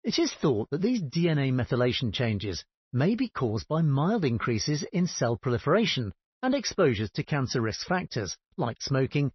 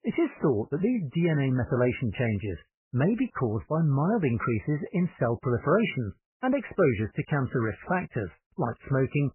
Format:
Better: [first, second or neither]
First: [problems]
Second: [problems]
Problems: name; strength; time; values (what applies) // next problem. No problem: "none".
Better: first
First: garbled, watery; slightly; nothing above 6 kHz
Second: garbled, watery; badly; nothing above 3 kHz